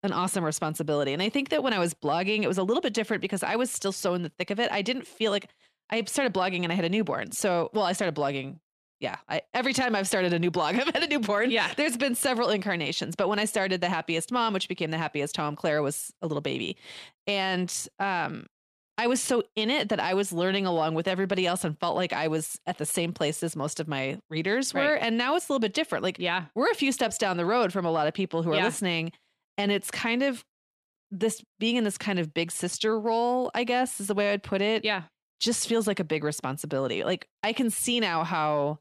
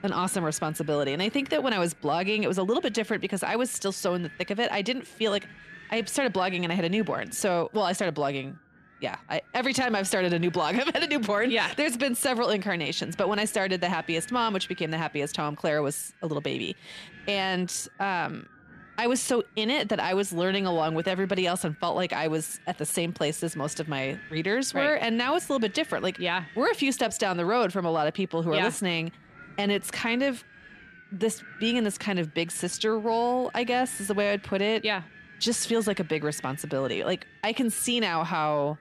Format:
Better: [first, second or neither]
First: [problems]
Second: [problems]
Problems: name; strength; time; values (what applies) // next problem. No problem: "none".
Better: first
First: none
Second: wind noise on the microphone; occasional gusts; 20 dB below the speech